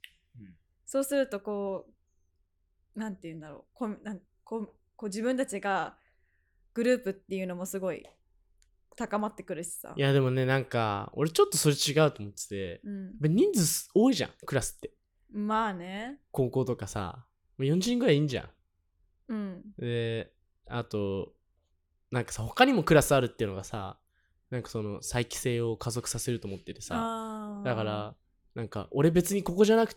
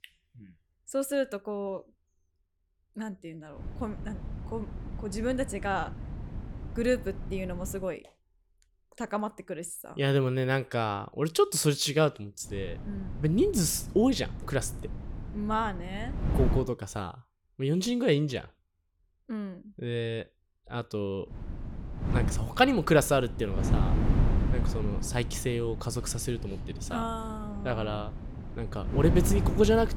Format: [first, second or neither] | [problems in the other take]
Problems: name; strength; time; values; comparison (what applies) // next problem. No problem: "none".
first | wind noise on the microphone; occasional gusts; from 3.5 to 8 s, from 12 to 17 s and from 21 s on; 10 dB below the speech